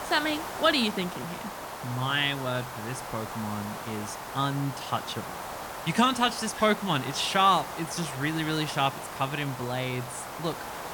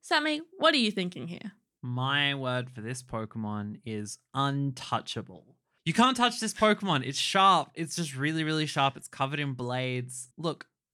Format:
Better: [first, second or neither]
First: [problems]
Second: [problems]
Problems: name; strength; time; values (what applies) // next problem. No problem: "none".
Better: second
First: hiss; loud; throughout; 9 dB below the speech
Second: none